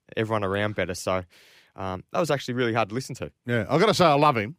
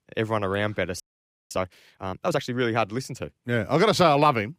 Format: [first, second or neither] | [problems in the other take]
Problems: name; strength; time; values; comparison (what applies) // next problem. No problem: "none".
first | audio freezing; at 1 s for 0.5 s